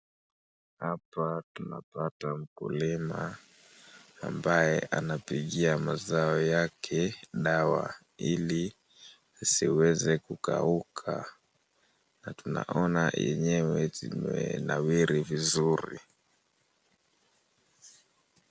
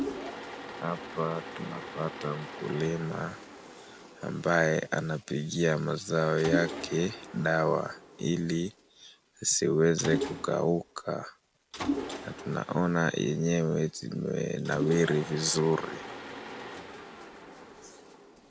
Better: first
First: none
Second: background sound (Mechanisms); 10 dB below the speech

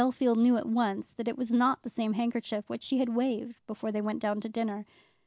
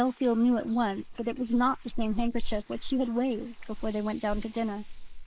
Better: first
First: none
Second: noise reduction (neural mask model Resemble Enhance denoiser)

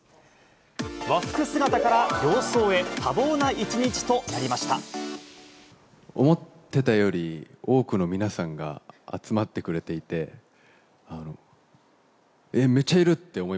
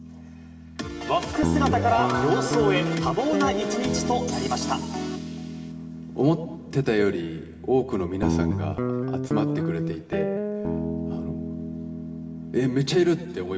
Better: first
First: none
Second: background sound (Guitar); 2 dB below the speech // room echo; dies away in 1.9 s

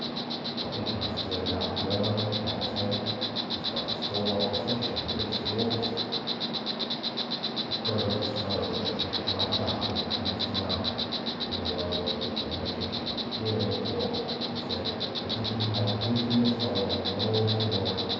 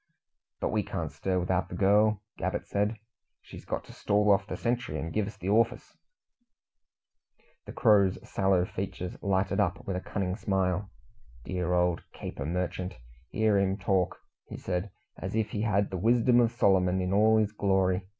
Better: second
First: background sound (Insect); 1 dB above the speech // room echo; dies away in 1.9 s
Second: none

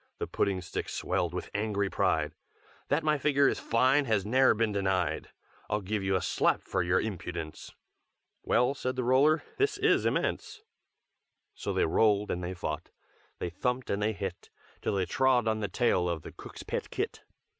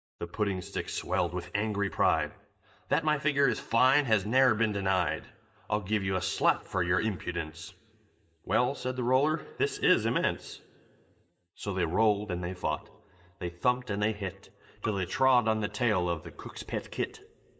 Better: first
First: none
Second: noise reduction (neural mask model DeepFilterNet 3)

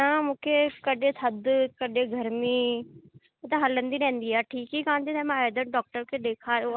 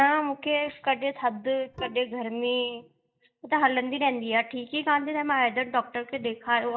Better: first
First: none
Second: noise reduction (neural mask model DeepFilterNet 3)

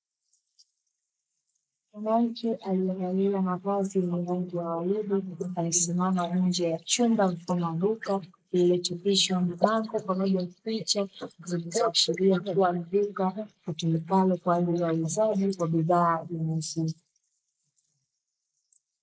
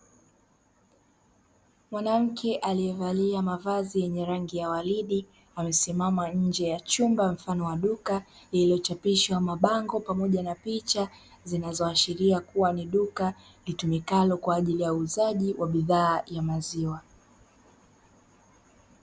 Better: second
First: noise reduction (neural mask model Resemble Enhance denoiser)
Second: none

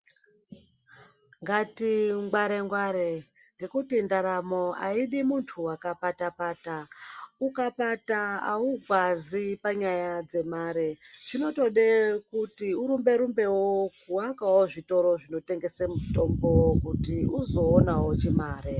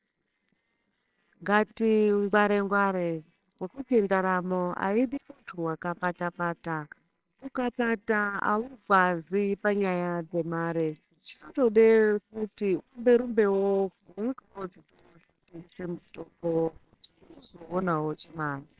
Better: first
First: none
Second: noise reduction (neural separator model SepFormer WHAMR!)

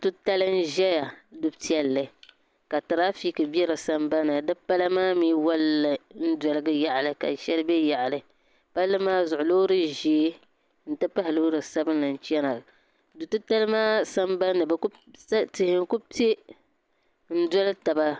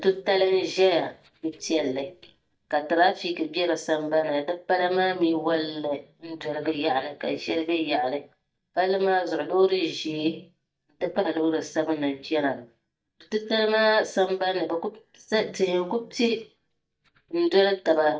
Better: first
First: none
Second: noise reduction (neural mask model DeepFilterNet 3)

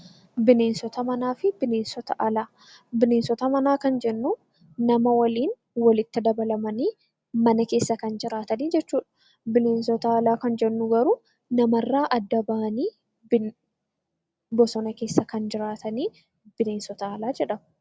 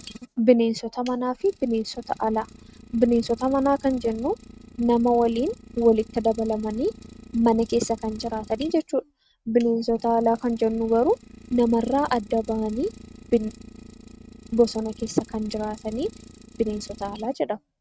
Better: first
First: none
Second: noise reduction (neural mask model RNNoise)

